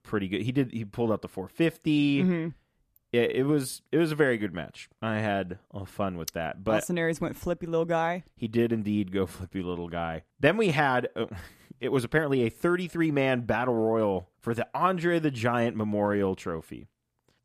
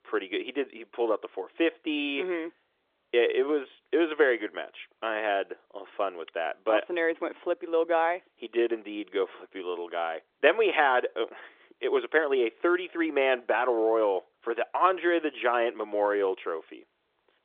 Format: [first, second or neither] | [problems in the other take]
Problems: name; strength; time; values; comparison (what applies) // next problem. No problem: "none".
first | phone-call audio; nothing above 3.5 kHz